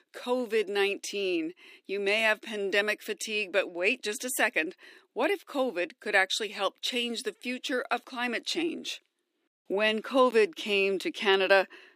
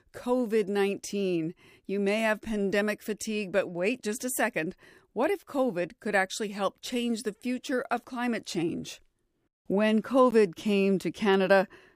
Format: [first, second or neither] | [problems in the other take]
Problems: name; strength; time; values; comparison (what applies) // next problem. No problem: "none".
second | thin; somewhat; fading below 300 Hz